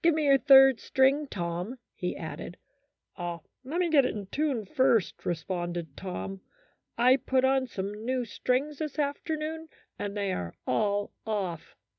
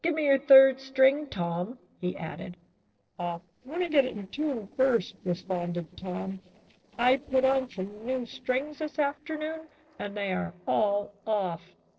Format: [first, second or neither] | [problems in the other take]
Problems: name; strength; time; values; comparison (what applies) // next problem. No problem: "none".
first | noise reduction (neural separator model SepFormer DNS4)